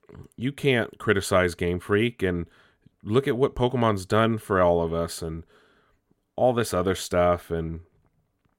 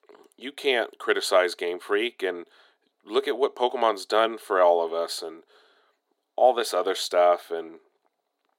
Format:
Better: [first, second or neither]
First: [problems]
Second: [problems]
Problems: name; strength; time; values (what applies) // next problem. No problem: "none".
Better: first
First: none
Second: thin; very; fading below 350 Hz